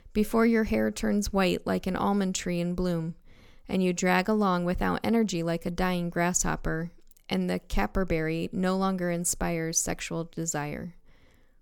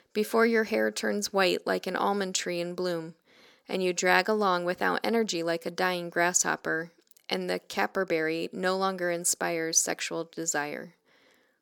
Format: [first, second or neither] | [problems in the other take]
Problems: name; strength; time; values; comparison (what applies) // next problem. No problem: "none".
first | thin; somewhat; fading below 350 Hz